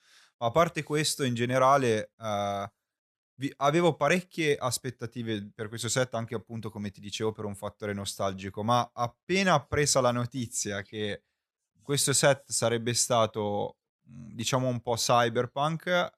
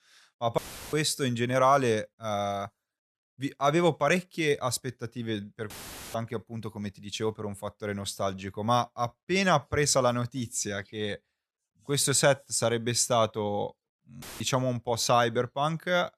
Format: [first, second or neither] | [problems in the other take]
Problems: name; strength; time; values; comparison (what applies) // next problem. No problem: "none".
first | audio cutting out; filled with static; at 0.5 s, at 5.5 s and at 14 s